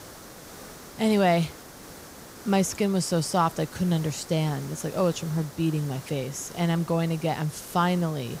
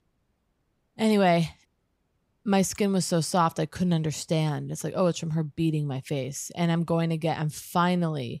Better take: second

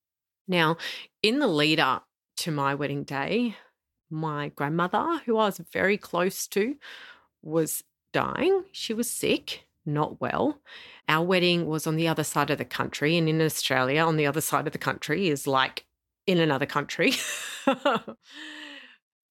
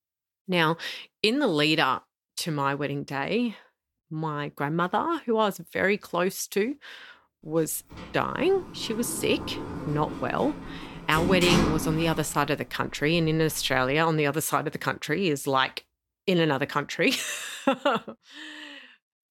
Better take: first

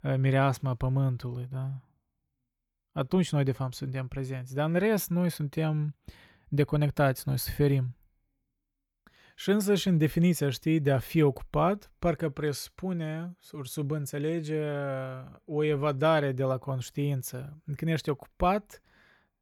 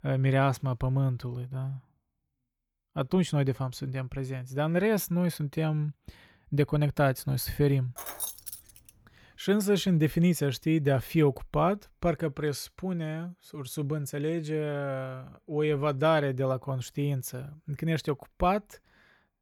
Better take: first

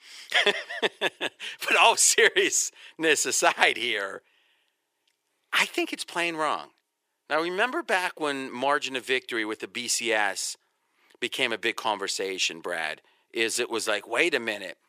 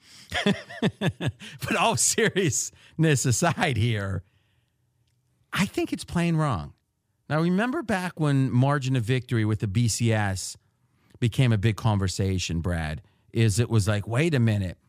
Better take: second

